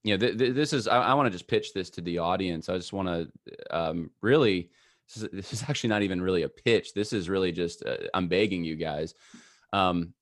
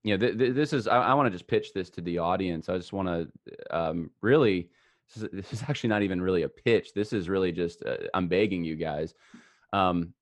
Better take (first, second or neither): first